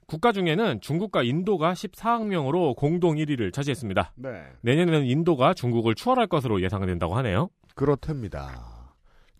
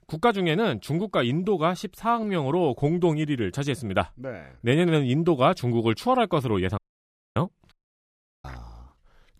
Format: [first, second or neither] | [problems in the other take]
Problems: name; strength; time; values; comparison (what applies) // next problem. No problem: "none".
first | audio cutting out; at 7 s for 0.5 s and at 7.5 s for 0.5 s